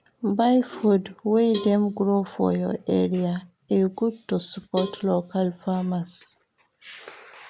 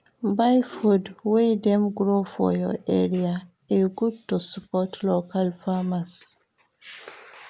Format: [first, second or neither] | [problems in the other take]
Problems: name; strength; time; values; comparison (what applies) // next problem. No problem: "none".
second | background sound (Cowbell); 17 dB below the speech